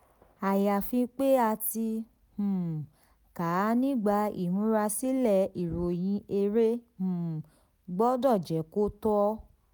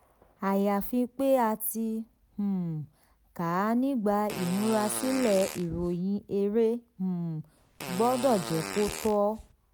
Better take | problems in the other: first | background sound (Fart); 10 dB below the speech

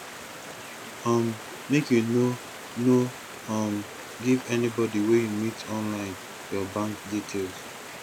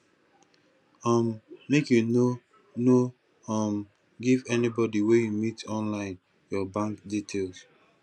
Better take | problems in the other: second | background sound (Stream); 13 dB below the speech

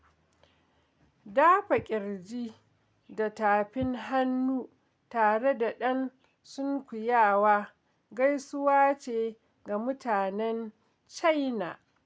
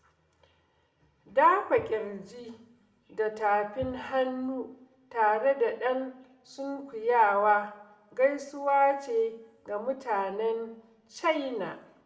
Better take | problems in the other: first | room echo; dies away in 0.7 s

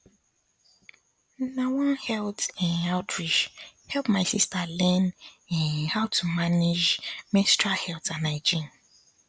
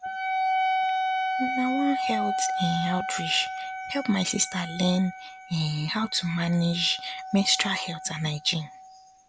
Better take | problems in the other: first | background sound (Wind instrument, woodwind instrument); 3 dB below the speech

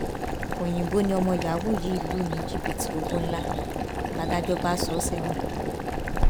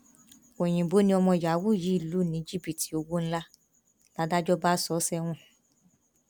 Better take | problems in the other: second | background sound (Water + Boiling); 1 dB above the speech

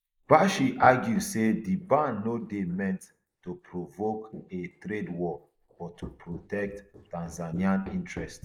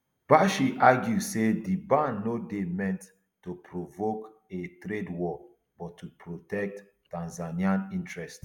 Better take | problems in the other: second | noise reduction (neural mask model Resemble Enhance denoiser)

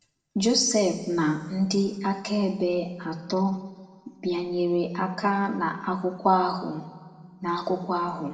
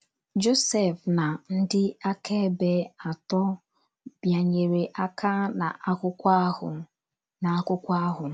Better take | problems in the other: second | room echo; dies away in 1.4 s

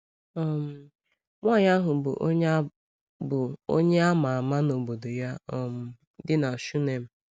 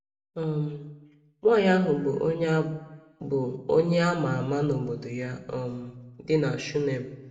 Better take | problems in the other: first | room echo; dies away in 0.7 s

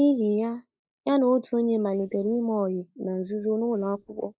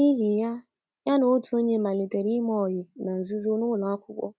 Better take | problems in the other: second | noise reduction (neural mask model Resemble Enhance denoiser)

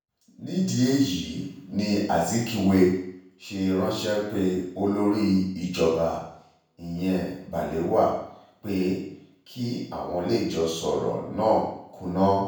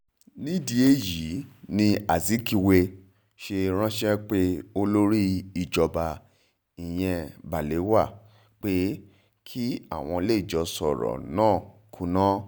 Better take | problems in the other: second | room echo; dies away in 0.7 s

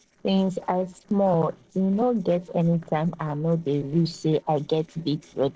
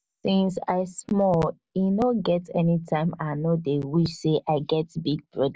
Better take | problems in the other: second | noise reduction (neural separator model SepFormer DNS4)

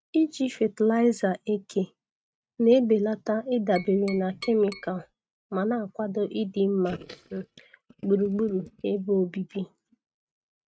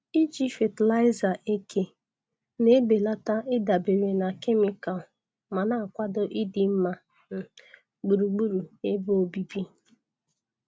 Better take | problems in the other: second | noise reduction (neural mask model RNNoise)

